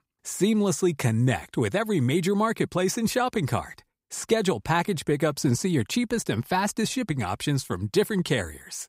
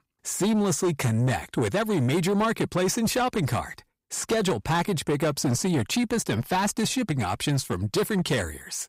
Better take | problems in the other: first | distortion; slight; 10 dB below the speech

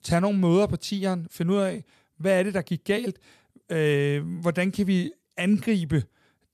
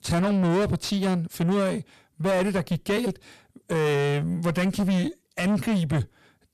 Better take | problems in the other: first | distortion; heavy; 6 dB below the speech

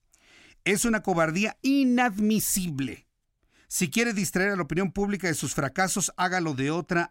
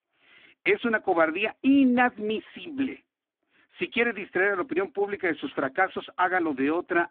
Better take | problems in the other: first | phone-call audio; poor line

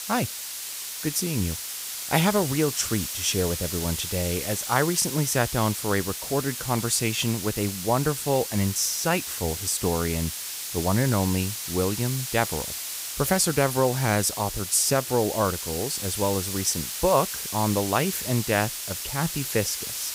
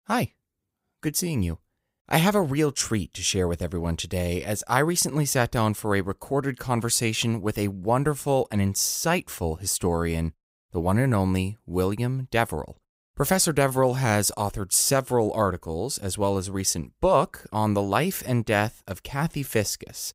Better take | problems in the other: second | hiss; loud; throughout; 5 dB below the speech

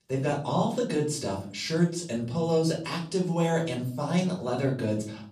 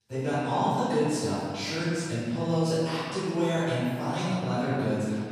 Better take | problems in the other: first | room echo; strong; dies away in 2.1 s; slight in the first // off-mic speech; far; far in the first

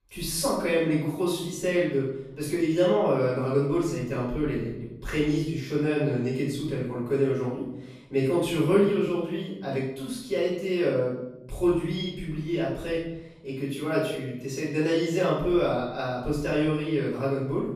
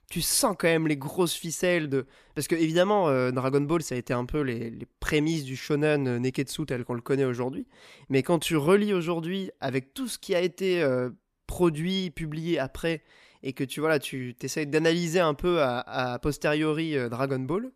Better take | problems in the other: second | off-mic speech; far // room echo; noticeable; dies away in 0.9 s

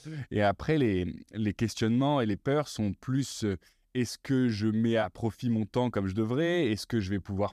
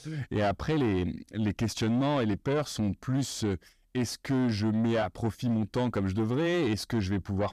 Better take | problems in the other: first | distortion; slight; 10 dB below the speech

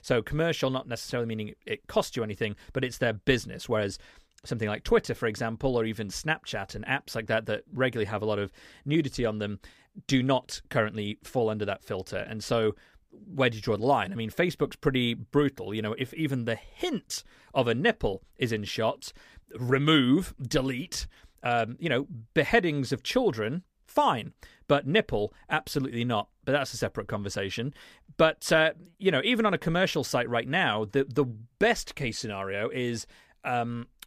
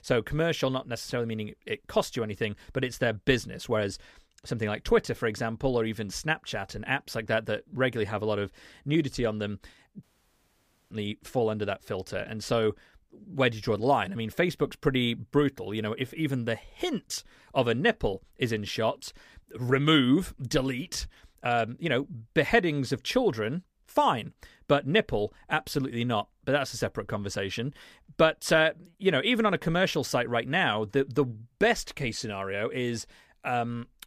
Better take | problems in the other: first | audio cutting out; at 10 s for 1 s

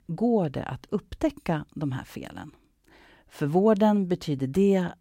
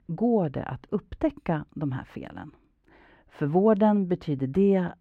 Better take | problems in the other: first | muffled; slightly; fading above 4 kHz

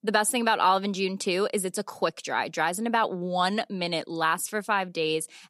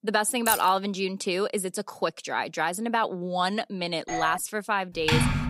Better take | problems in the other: first | jangling keys; noticeable; at 0.5 s; peak 1 dB below the speech // doorbell; noticeable; at 4 s; peak 5 dB below the speech // keyboard typing; loud; at 5 s; peak 4 dB above the speech

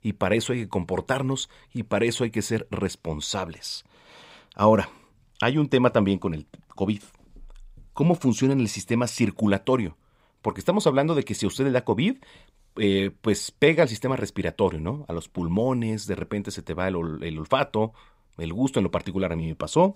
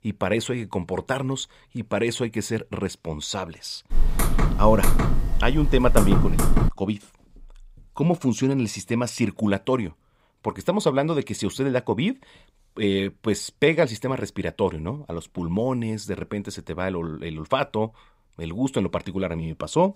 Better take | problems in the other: first | keyboard typing; loud; from 4 to 6.5 s; peak 3 dB above the speech

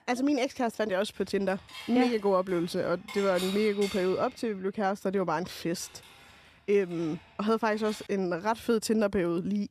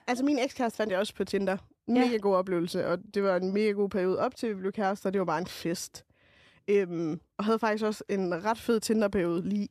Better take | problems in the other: second | clattering dishes; noticeable; from 1.5 to 8 s; peak 8 dB below the speech

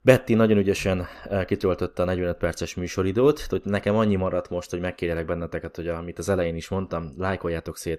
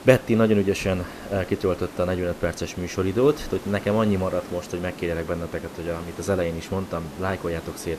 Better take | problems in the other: first | hiss; noticeable; throughout; 15 dB below the speech

